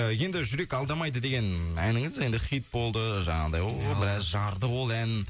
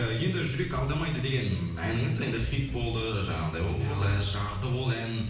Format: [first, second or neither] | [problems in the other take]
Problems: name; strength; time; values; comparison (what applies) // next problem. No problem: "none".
first | background sound (Thump, thud); 13 dB below the speech // room echo; dies away in 0.9 s